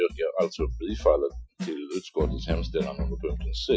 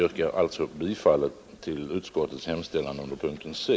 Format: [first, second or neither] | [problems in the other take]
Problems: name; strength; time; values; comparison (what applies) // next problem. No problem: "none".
second | noise reduction (classical method Wiener filter)